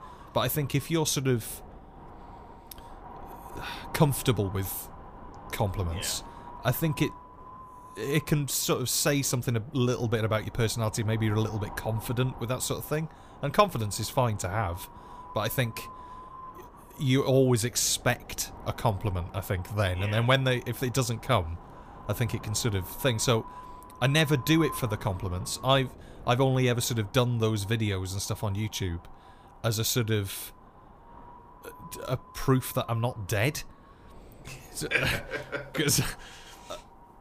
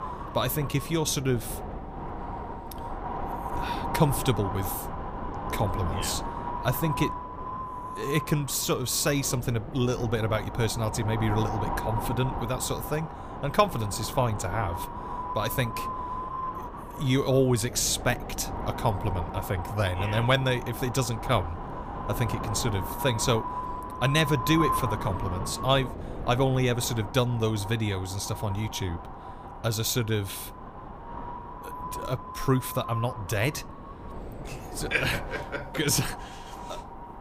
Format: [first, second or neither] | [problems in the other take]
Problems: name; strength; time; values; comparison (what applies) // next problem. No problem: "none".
first | wind noise on the microphone; heavy; 5 dB below the speech; occasional gusts in the first